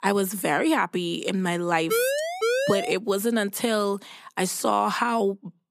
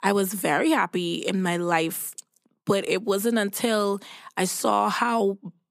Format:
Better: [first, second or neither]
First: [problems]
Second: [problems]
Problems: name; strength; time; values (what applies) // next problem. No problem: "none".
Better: second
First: siren; loud; from 2 to 3 s; peak 1 dB above the speech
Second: none